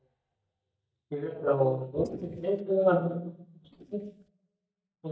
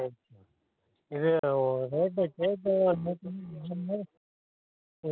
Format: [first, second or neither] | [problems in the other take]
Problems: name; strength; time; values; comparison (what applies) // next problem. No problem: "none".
second | noise reduction (neural mask model DeepFilterNet 3)